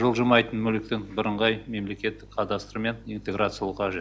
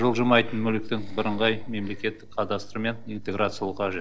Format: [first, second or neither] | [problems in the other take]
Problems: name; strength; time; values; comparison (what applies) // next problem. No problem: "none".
first | noise reduction (neural separator model SepFormer DNS4)